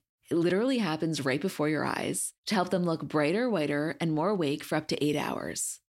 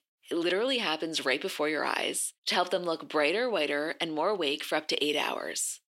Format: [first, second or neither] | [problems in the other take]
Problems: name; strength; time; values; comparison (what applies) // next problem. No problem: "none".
first | thin; somewhat; fading below 450 Hz